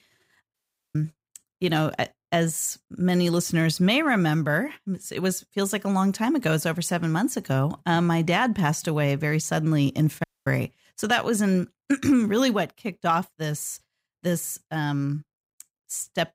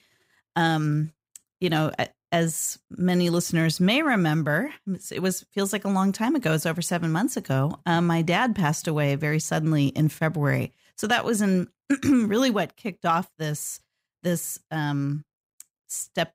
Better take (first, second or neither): second